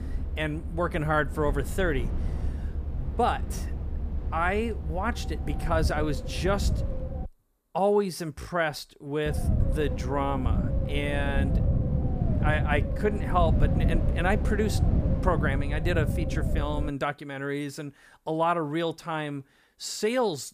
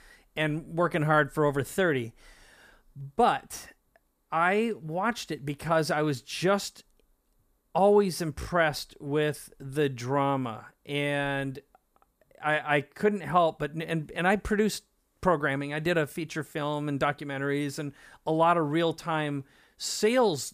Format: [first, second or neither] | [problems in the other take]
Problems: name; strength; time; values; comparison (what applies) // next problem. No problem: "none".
second | low rumble; noticeable; until 7.5 s and from 9.5 to 17 s; 10 dB below the speech